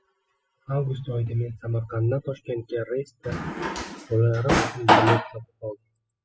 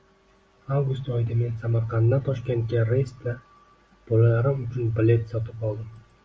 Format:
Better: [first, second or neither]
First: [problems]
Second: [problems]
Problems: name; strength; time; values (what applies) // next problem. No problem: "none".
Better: second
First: noise reduction (classical method spectral subtraction)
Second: none